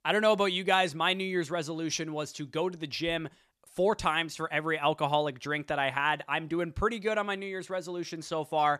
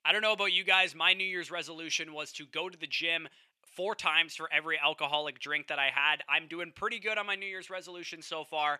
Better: first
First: none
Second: thin; somewhat; fading below 600 Hz

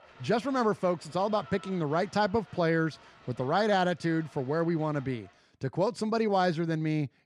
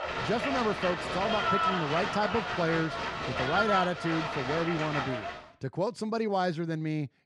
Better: first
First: crowd noise; faint; until 5 s; 25 dB below the speech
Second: crowd noise; loud; until 5 s; as loud as the speech

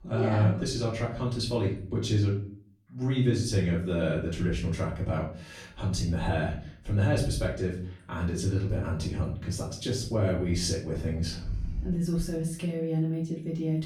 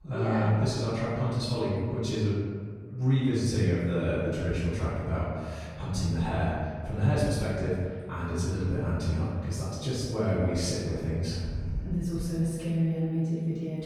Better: first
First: room echo; slight; dies away in 0.4 s // off-mic speech; far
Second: room echo; strong; dies away in 1.9 s // off-mic speech; far

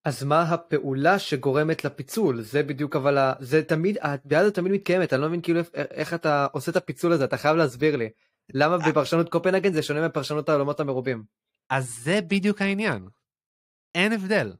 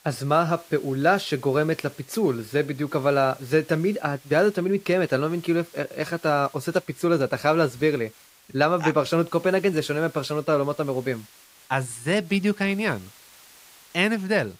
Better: first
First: none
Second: hiss; faint; throughout; 25 dB below the speech

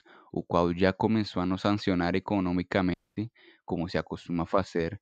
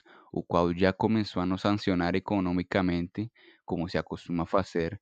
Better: second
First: audio cutting out; at 3 s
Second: none

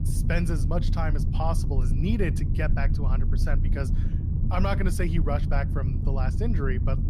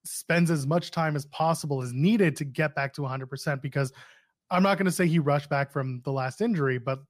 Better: second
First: low rumble; loud; throughout; 7 dB below the speech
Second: none

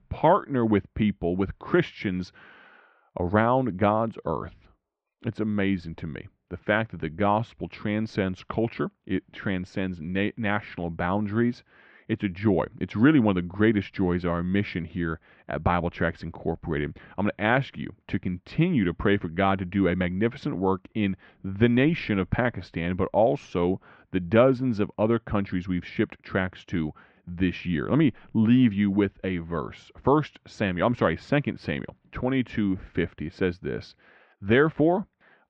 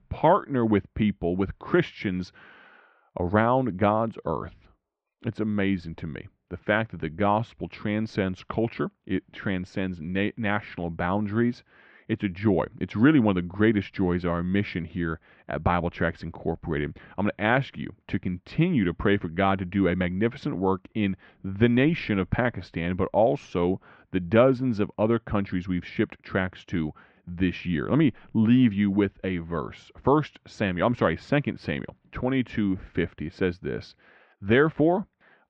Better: neither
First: muffled; very; fading above 2 kHz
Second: muffled; very; fading above 2 kHz

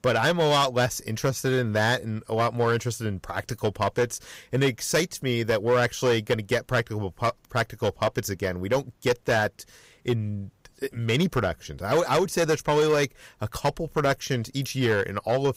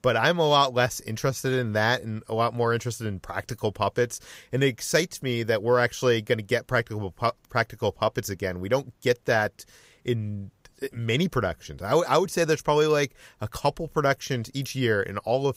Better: second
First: distortion; slight; 6% of the sound clipped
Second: none

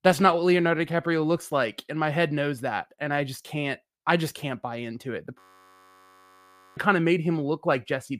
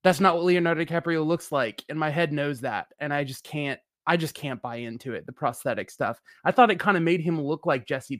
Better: second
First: audio freezing; at 5.5 s for 1.5 s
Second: none

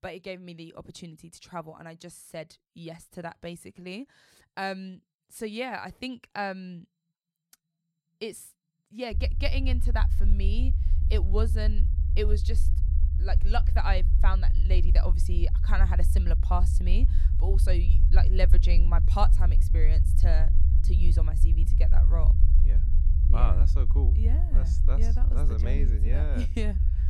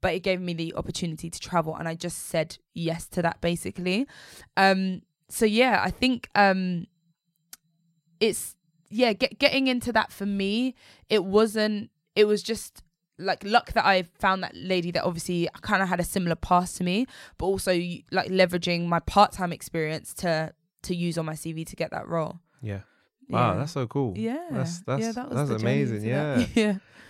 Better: second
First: low rumble; loud; from 9 s on; 9 dB below the speech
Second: none

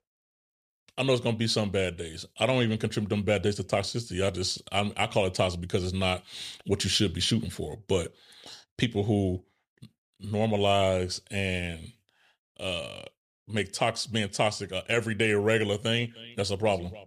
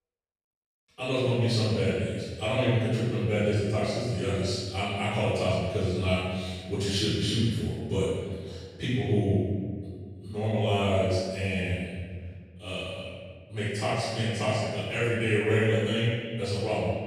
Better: first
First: none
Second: room echo; strong; dies away in 1.9 s // off-mic speech; far

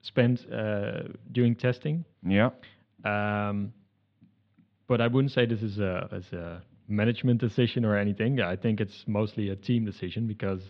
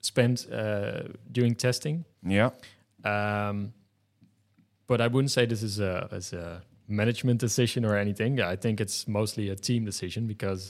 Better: second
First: muffled; very; fading above 3.5 kHz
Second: none

